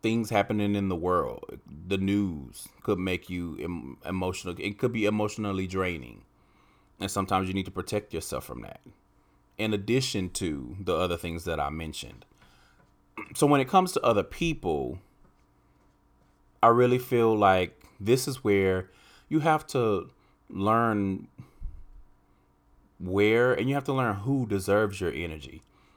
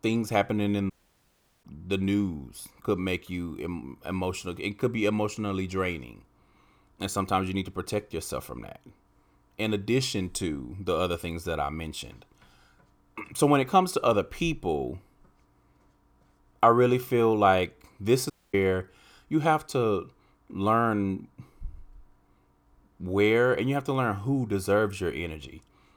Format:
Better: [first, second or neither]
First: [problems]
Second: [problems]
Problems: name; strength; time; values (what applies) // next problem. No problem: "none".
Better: first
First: none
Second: audio cutting out; at 1 s for 0.5 s and at 18 s